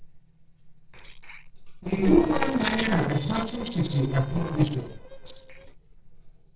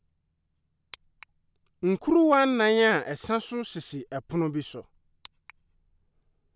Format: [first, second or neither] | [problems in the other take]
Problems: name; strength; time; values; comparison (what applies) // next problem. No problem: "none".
second | noise reduction (neural separator model SepFormer DNS4)